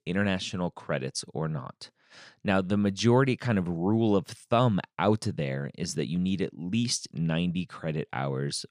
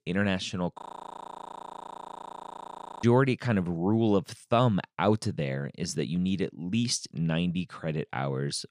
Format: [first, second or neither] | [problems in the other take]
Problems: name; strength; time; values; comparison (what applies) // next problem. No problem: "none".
first | audio freezing; at 1 s for 2 s